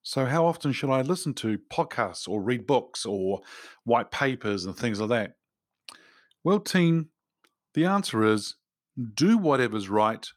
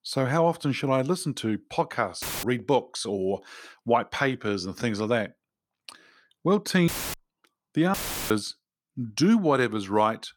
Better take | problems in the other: first | audio cutting out; filled with static; at 2 s, at 7 s and at 8 s

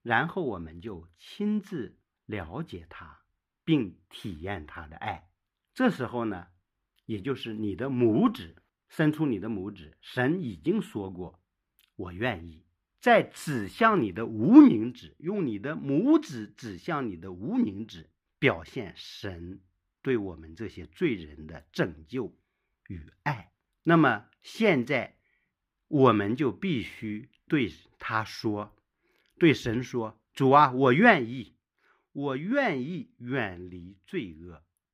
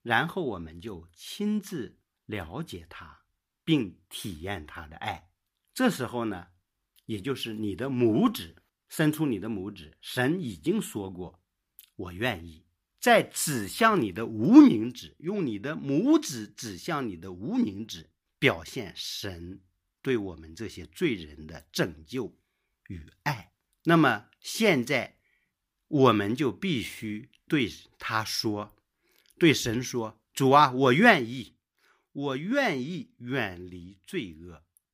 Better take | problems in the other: second | muffled; slightly; fading above 4 kHz

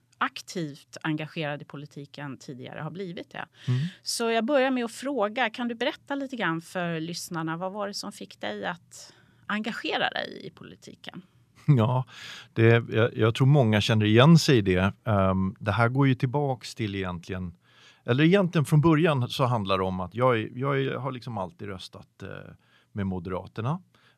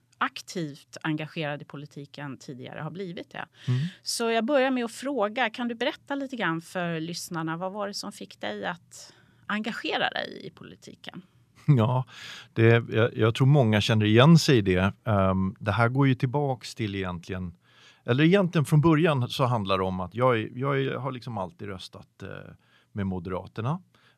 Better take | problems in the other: neither | none

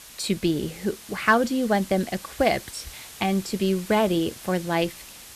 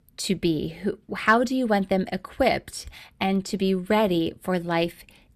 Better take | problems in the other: second | hiss; noticeable; throughout; 15 dB below the speech

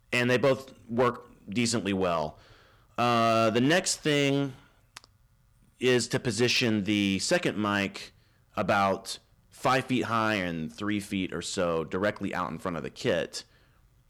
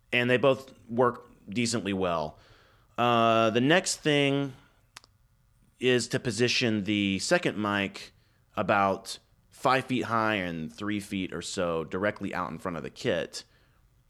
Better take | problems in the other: second | distortion; slight; 3% of the sound clipped

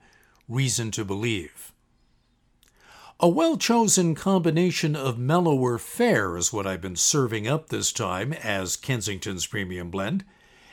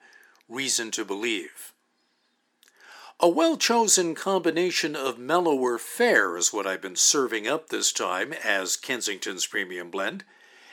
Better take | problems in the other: first | thin; somewhat; fading below 300 Hz

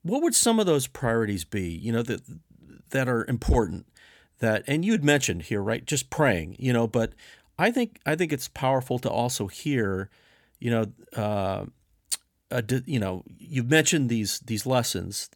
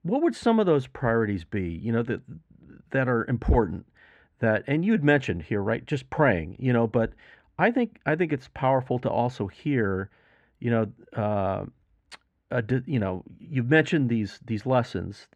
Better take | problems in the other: first | muffled; very; fading above 1.5 kHz

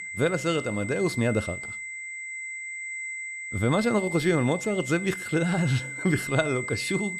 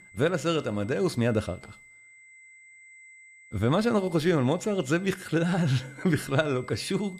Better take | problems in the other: second | high-pitched whine; loud; throughout; 2 kHz, 7 dB below the speech; faint in the second

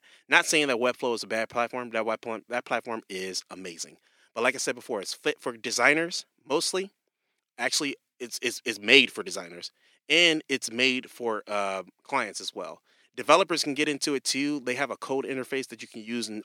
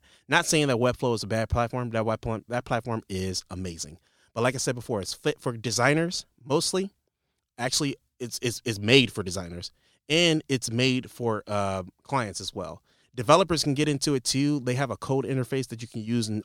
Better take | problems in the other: second | thin; very slightly; fading below 250 Hz

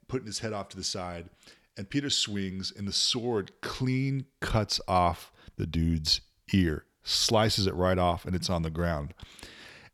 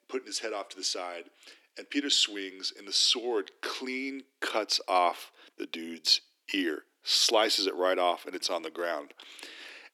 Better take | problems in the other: first | thin; somewhat; fading below 300 Hz

